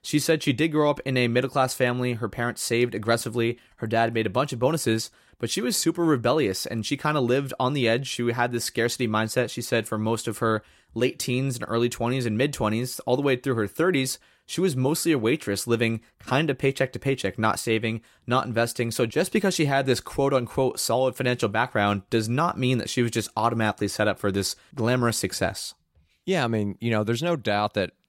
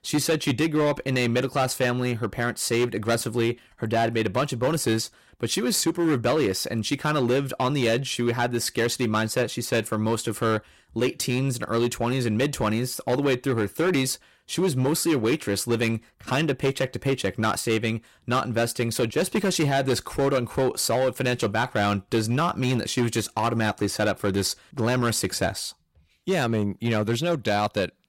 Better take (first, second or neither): first